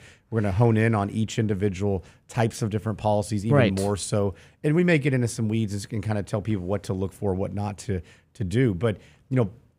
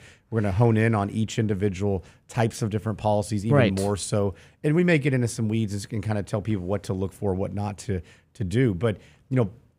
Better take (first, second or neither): neither